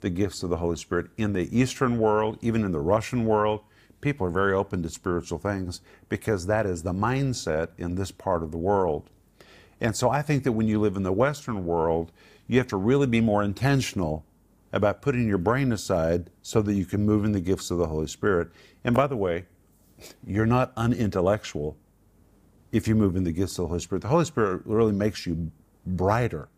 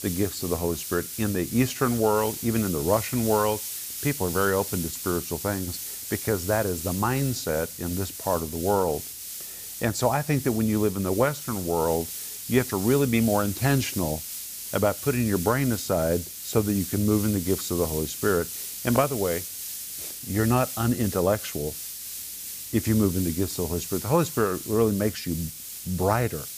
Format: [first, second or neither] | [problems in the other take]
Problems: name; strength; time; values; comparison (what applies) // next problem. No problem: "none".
first | hiss; loud; throughout; 7 dB below the speech